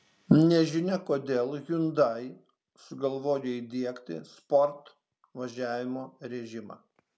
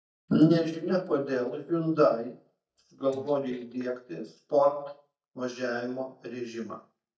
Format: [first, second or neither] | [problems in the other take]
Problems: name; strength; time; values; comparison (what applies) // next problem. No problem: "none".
first | noise reduction (neural mask model DeepFilterNet 3)